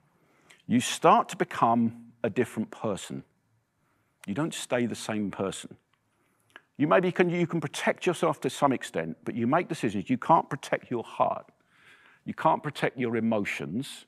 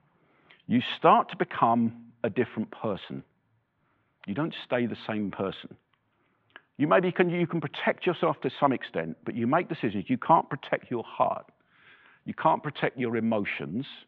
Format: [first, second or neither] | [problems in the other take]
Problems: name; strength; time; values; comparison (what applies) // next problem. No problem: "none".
first | muffled; very; fading above 3.5 kHz